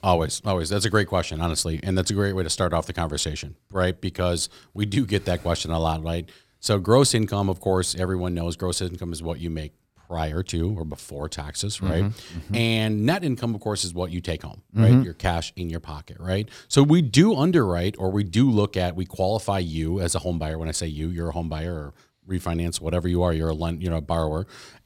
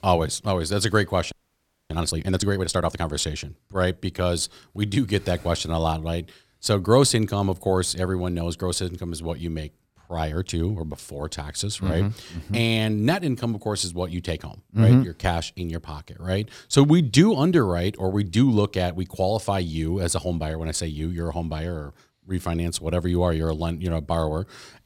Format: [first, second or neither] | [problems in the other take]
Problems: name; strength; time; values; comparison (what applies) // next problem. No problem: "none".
first | audio freezing; at 1.5 s for 0.5 s